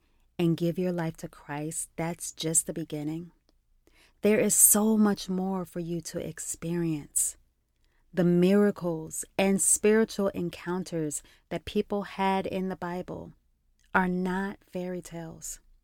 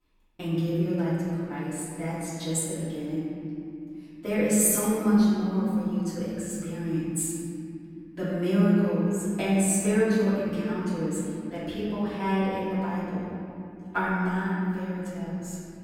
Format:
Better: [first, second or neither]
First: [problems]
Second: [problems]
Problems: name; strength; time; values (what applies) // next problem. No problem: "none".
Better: first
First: none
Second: off-mic speech; far // room echo; strong; dies away in 2.8 s